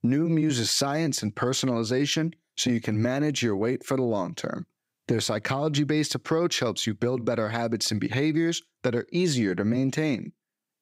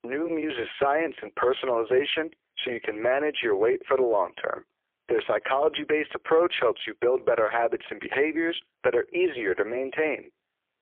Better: first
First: none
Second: phone-call audio; poor line; nothing above 3.5 kHz

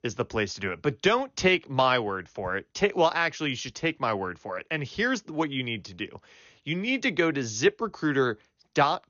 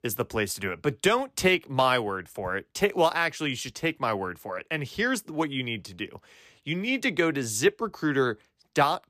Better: second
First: garbled, watery; slightly; nothing above 6.5 kHz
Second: none

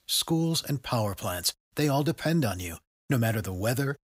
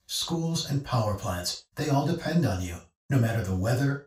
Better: first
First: none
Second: room echo; slight; dies away in 0.3 s // off-mic speech; far

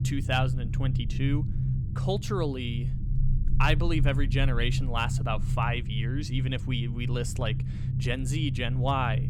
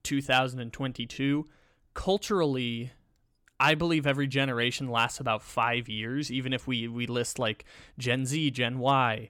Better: second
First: low rumble; noticeable; throughout; 10 dB below the speech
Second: none

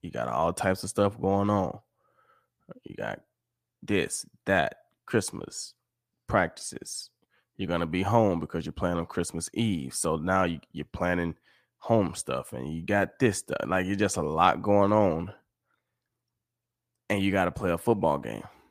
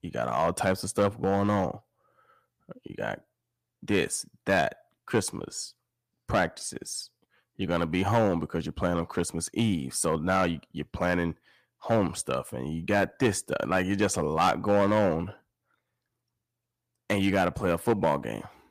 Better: first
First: none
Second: distortion; slight; 2% of the sound clipped

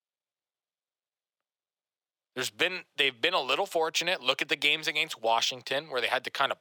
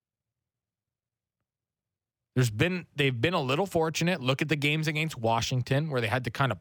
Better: second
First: thin; very; fading below 600 Hz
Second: none

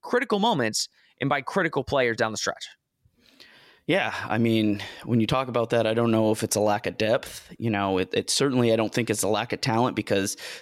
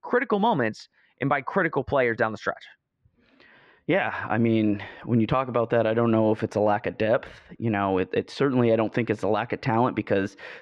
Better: first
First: none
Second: muffled; very; fading above 2 kHz

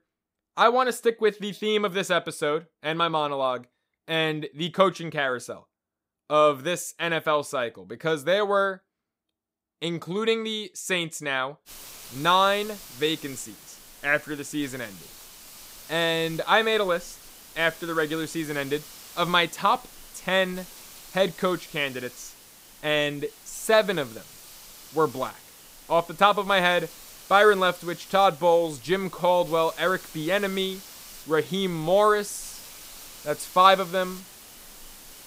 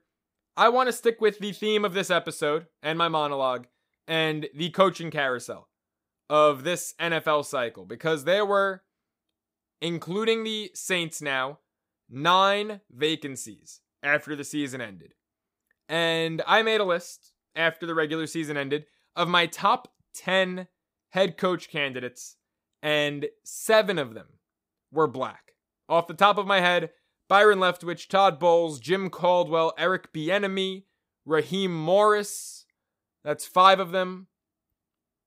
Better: second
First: hiss; noticeable; from 12 s on; 20 dB below the speech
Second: none

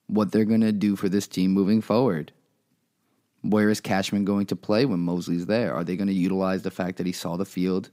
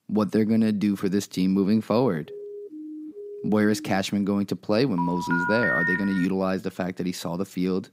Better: first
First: none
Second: siren; faint; from 2.5 to 4 s; peak 15 dB below the speech // phone ringing; loud; from 5 to 6.5 s; peak 2 dB above the speech

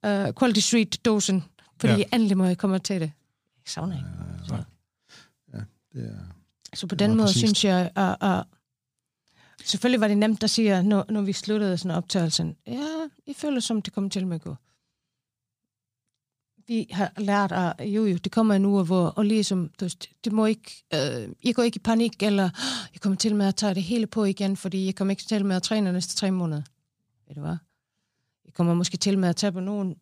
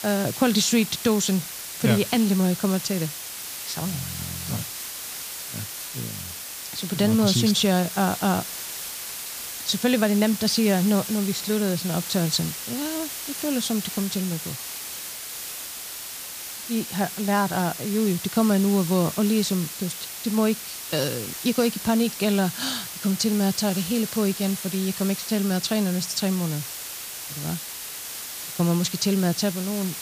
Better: first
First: none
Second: hiss; loud; throughout; 8 dB below the speech

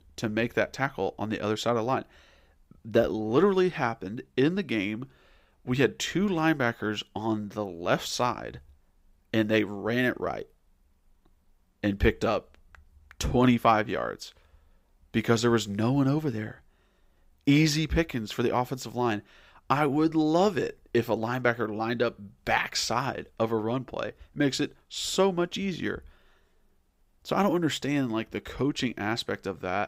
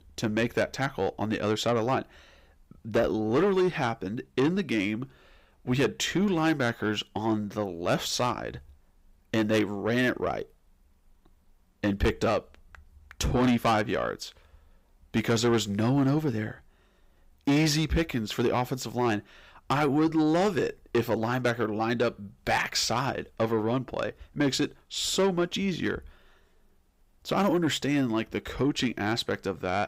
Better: first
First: none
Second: distortion; slight; 10 dB below the speech

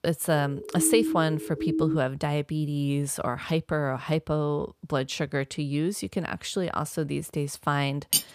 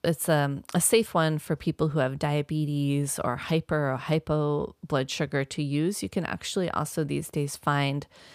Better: second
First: siren; loud; until 2 s; peak level with the speech // clattering dishes; loud; at 8 s; peak 3 dB above the speech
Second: none

